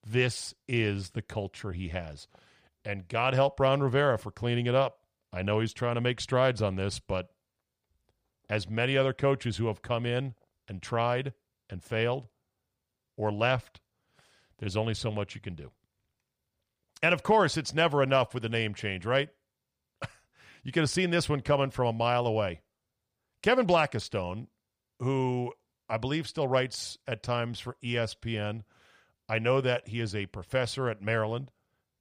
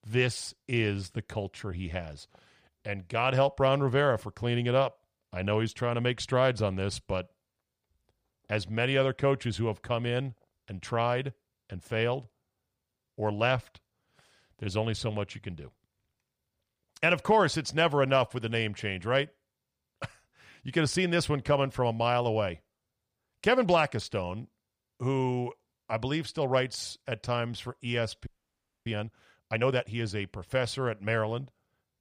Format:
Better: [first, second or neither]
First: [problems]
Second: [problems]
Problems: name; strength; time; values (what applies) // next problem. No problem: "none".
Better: first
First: none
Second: audio freezing; at 28 s for 0.5 s